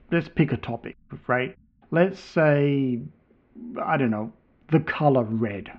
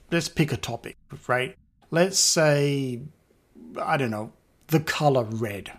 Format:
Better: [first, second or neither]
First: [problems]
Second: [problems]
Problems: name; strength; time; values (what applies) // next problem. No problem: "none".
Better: second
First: muffled; very; fading above 2.5 kHz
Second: none